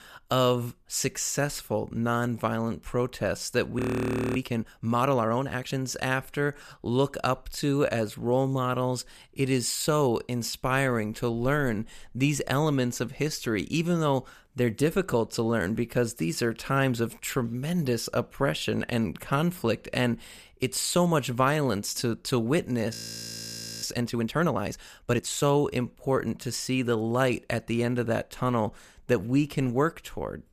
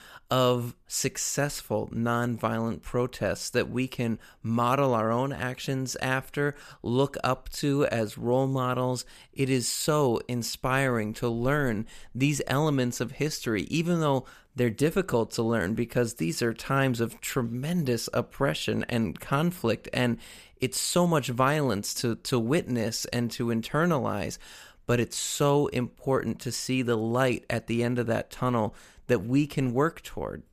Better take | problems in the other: second | audio freezing; at 4 s for 0.5 s and at 23 s for 1 s

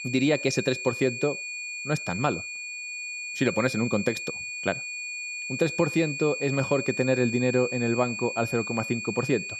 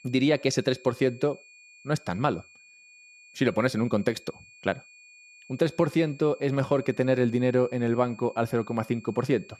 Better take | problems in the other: second | high-pitched whine; loud; throughout; 2.5 kHz, 5 dB below the speech; faint in the second

